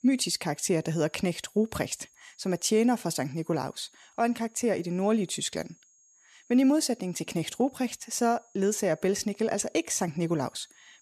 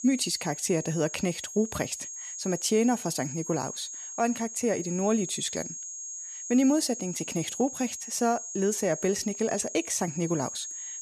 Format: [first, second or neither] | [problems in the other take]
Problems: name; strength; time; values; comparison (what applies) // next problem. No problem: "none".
first | high-pitched whine; loud; throughout; 6.5 kHz, 8 dB below the speech; faint in the first